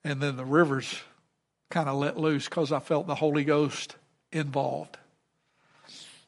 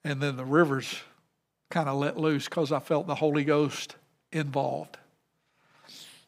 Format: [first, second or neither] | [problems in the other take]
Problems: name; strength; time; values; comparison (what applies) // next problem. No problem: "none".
second | garbled, watery; slightly; nothing above 11 kHz